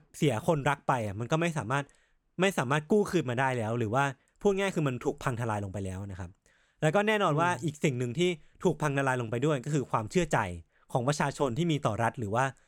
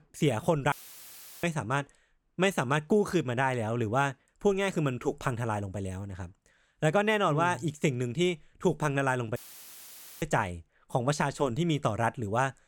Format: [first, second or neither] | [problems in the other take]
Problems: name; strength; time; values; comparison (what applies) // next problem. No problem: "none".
first | audio cutting out; filled with static; at 0.5 s for 0.5 s and at 9.5 s for 1 s